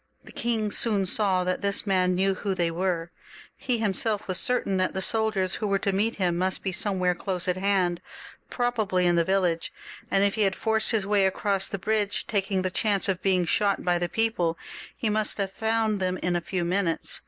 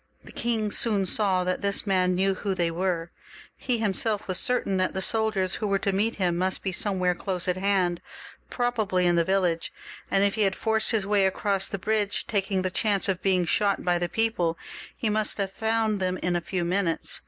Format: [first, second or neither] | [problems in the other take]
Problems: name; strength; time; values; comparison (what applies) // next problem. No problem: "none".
second | noise reduction (neural separator model SepFormer DNS4)